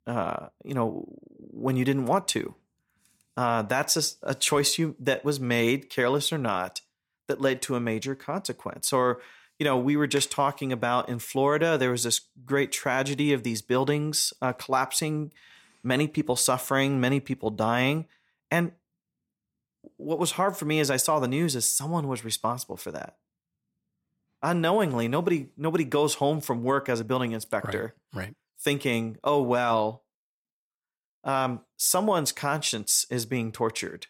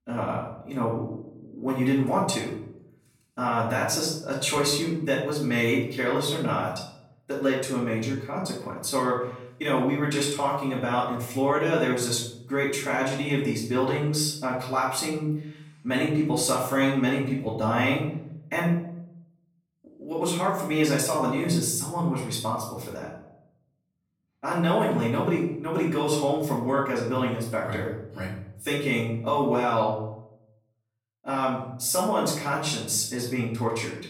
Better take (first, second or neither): first